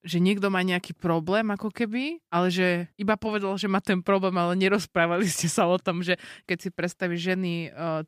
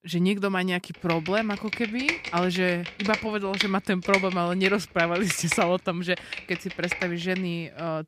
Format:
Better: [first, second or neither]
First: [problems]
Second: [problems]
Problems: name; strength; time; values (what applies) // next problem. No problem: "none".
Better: first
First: none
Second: keyboard typing; loud; from 1 to 7.5 s; peak level with the speech